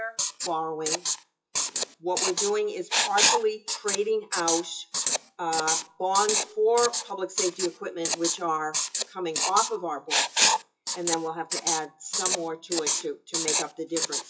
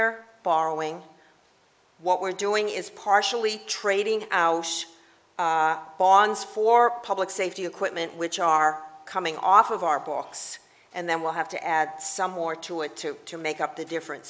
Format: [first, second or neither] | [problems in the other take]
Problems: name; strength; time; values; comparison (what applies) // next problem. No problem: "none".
second | noise reduction (classical method WPE with log-MMSE)